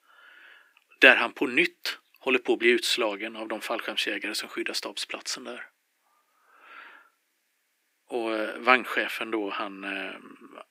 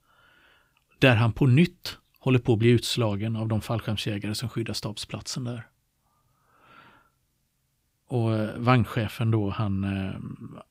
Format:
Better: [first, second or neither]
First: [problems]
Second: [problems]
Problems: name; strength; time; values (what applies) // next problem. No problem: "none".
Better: second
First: thin; very; fading below 300 Hz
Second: none